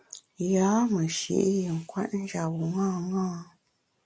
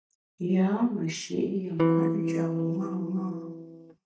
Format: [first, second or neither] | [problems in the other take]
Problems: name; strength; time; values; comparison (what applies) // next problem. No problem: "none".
first | noise reduction (neural mask model DeepFilterNet 3)